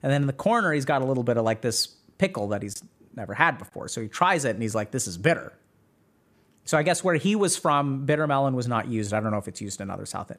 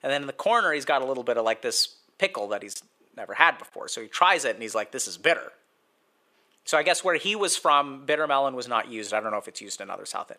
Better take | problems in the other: first | thin; very; fading below 500 Hz

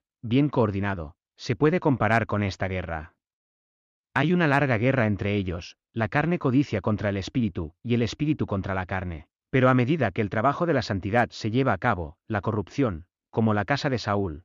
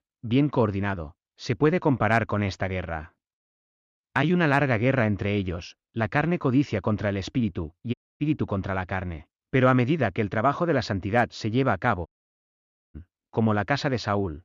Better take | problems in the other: first | audio cutting out; at 8 s and at 12 s for 1 s

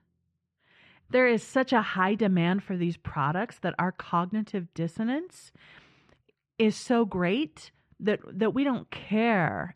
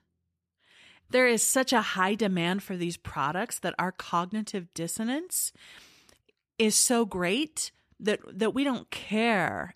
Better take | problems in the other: second | muffled; very; fading above 2.5 kHz

